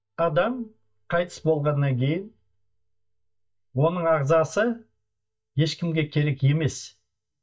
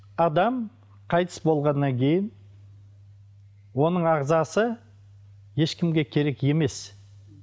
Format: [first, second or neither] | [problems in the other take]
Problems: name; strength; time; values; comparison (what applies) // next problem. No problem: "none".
second | noise reduction (neural mask model DeepFilterNet 3)